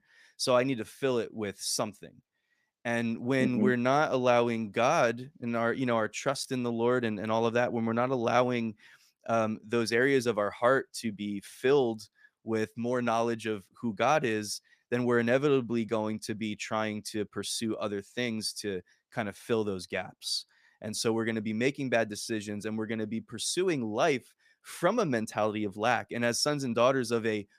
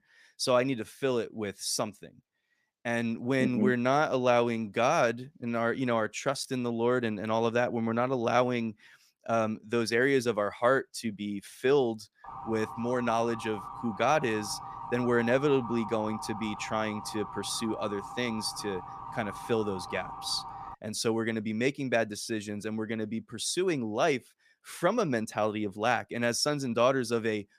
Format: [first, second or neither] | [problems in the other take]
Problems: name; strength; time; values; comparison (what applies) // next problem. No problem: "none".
first | siren; noticeable; from 12 to 21 s; peak 10 dB below the speech